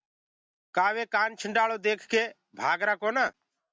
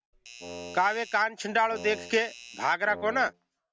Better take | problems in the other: first | background sound (Wind instrument, woodwind instrument + Doorbell); 14 dB below the speech

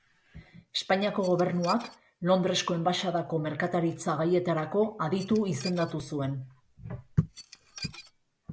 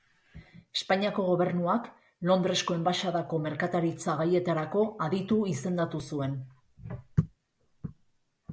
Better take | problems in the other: second | background sound (Dishes, pots, and pans / Glass); 16 dB below the speech

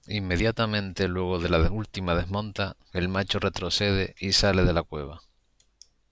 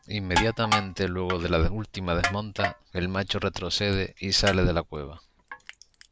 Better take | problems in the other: first | background sound (Crushing); 7 dB below the speech

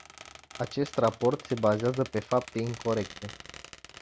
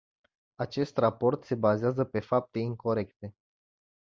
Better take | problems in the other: second | background sound (Squeak); 16 dB below the speech

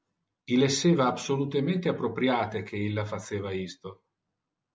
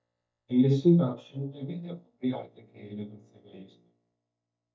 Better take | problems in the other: first | noise reduction (neural mask model DeepFilterNet 3)

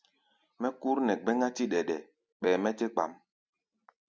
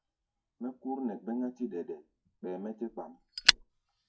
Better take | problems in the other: first | noise reduction (classical method WPE with log-MMSE)

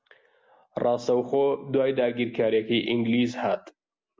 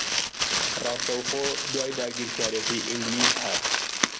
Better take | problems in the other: first | background sound (Crumpling, crinkling); 5 dB above the speech

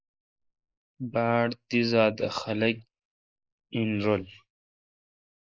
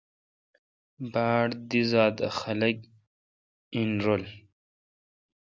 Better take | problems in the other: second | noise reduction (neural mask model Resemble Enhance denoiser)

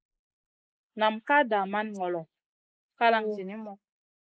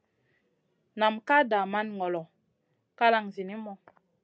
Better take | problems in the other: second | noise reduction (neural mask model Resemble Enhance denoiser)

